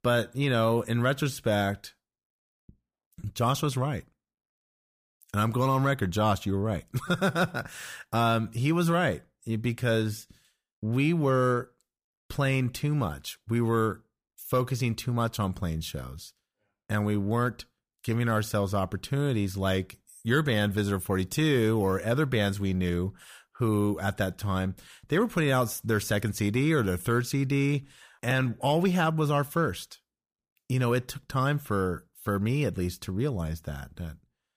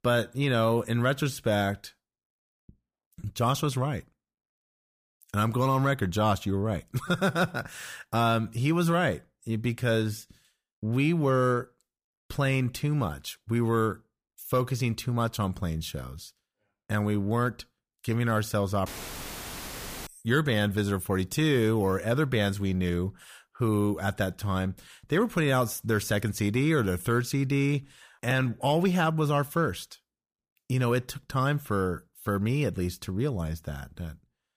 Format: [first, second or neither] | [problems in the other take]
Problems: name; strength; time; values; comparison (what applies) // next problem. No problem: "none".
first | audio cutting out; filled with static; at 19 s for 1 s